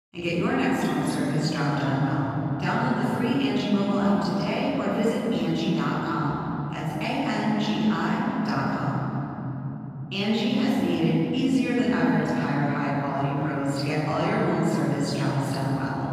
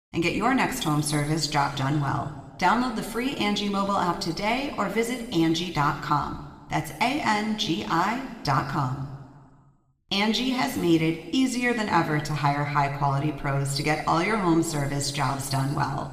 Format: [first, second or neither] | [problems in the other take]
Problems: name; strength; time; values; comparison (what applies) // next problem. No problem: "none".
second | room echo; strong; dies away in 3 s; slight in the second // off-mic speech; far